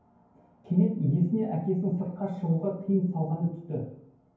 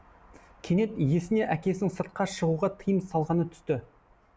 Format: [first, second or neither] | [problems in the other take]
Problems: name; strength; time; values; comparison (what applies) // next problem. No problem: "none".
second | room echo; dies away in 0.9 s